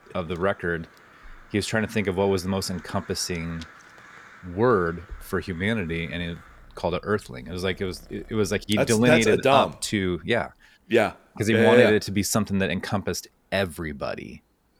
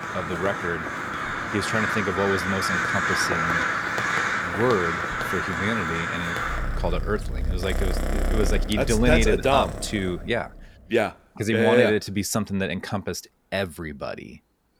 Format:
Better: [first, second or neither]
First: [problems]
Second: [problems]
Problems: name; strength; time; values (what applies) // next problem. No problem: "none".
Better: first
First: animal sounds; faint; until 10 s; 25 dB below the speech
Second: animal sounds; loud; until 10 s; 1 dB below the speech